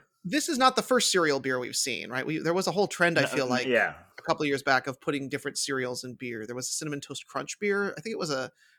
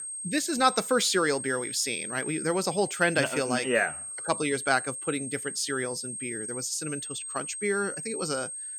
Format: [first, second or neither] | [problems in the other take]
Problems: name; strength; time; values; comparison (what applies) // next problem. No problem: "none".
first | high-pitched whine; loud; throughout; 8.5 kHz, 6 dB below the speech